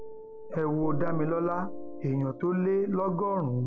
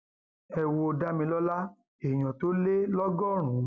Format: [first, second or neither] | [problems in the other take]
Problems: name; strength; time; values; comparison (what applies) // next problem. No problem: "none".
second | background sound (Piano); 7 dB below the speech